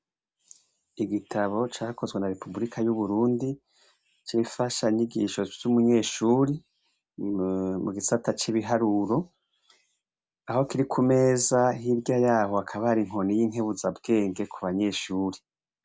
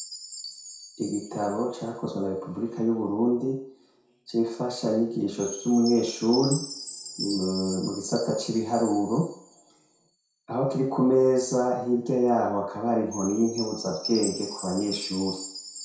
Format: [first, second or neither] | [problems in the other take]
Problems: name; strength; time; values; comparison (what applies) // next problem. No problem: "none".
first | background sound (Chime); 13 dB below the speech // room echo; dies away in 0.6 s